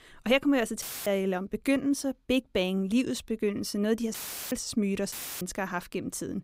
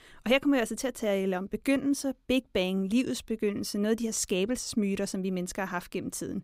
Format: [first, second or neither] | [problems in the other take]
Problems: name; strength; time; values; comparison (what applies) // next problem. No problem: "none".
second | audio cutting out; filled with static; at 1 s, at 4 s and at 5 s